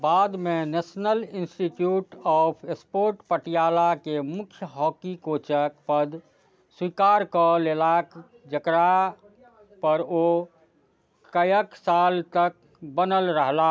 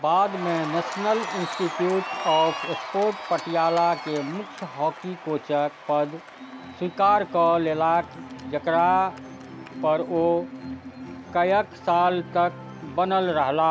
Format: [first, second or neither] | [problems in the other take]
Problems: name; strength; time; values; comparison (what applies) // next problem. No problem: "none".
first | background sound (Cheering); 12 dB below the speech